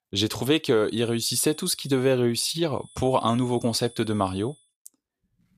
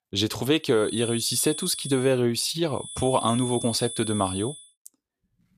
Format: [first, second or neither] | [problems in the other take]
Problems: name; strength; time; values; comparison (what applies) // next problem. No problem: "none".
first | high-pitched whine; loud; from 1 to 2 s and from 3 to 4.5 s; 10 kHz, 9 dB below the speech; faint in the first